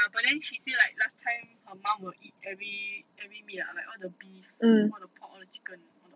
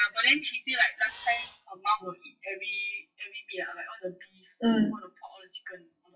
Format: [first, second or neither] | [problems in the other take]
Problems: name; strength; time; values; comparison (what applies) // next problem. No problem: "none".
first | noise reduction (classical method WPE with log-MMSE)